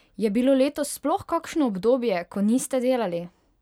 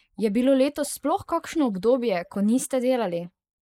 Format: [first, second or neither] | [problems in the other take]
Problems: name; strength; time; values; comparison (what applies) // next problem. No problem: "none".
first | noise reduction (neural mask model Resemble Enhance denoiser)